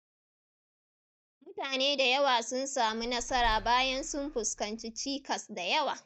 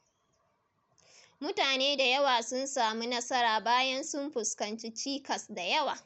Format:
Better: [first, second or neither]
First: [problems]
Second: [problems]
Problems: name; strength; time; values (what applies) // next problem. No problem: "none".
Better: second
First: noise reduction (neural mask model DeepFilterNet 3)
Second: none